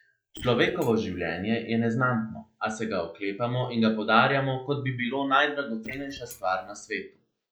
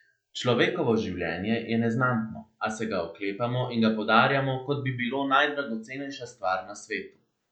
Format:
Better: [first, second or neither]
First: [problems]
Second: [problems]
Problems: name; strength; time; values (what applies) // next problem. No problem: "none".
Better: second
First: noise reduction (neural mask model Resemble Enhance denoiser)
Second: none